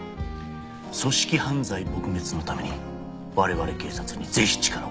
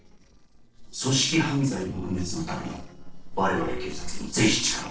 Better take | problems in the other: first | noise reduction (neural separator model SepFormer DNS4)

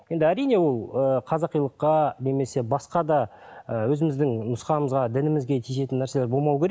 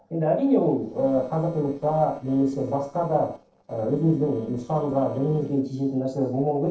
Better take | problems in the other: first | noise reduction (neural separator model SepFormer DNS4)

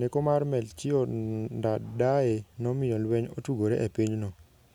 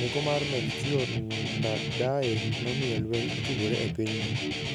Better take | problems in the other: first | background sound (Guitar); as loud as the speech

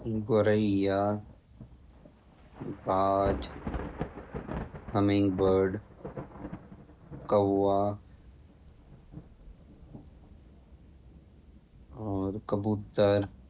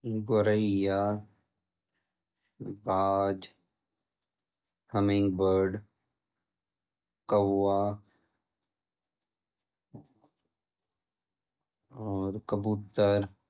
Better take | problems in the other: second | background sound (Thunder / Rain); 13 dB below the speech

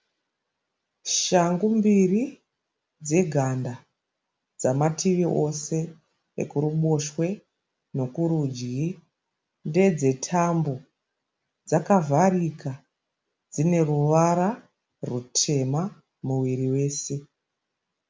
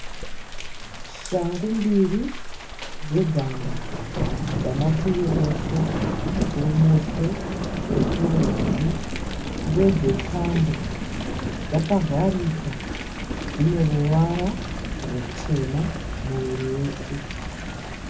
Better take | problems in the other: first | background sound (Thunder / Rain); 3 dB below the speech // room echo; dies away in 0.4 s

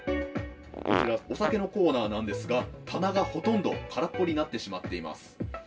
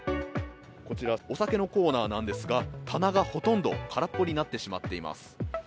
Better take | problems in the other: second | background sound (Fart); 3 dB below the speech // room echo; dies away in 0.2 s

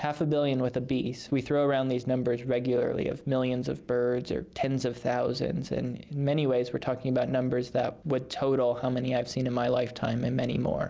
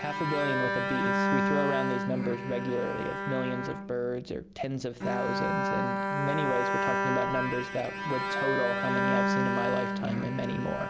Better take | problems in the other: first | background sound (Bowed string instrument); 2 dB above the speech

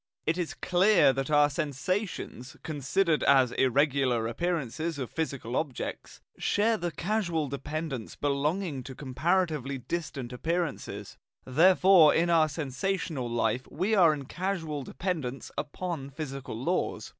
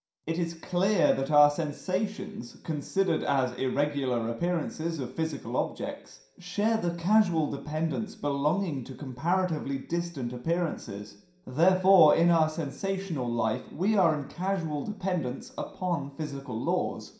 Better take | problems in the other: first | room echo; dies away in 0.5 s

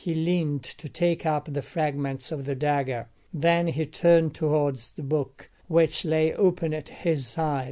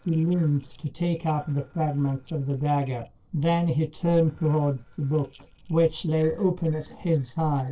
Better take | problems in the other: first | noise reduction (neural separator model SepFormer DNS4)

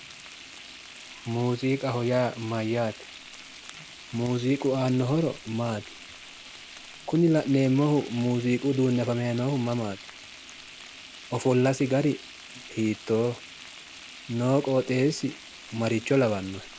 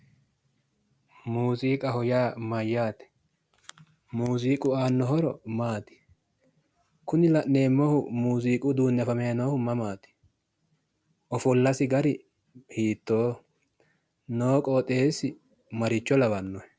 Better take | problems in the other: second | background sound (Frying (food)); 17 dB below the speech

